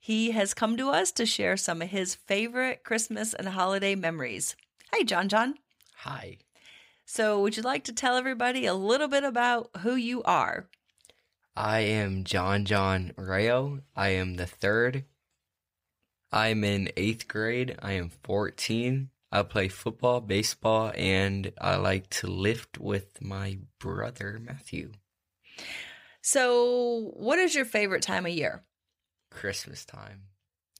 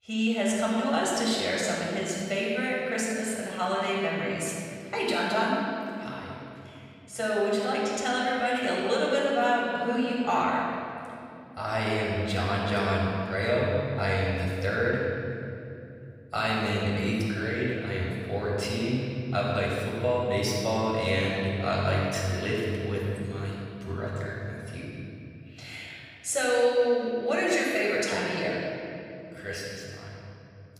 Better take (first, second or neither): first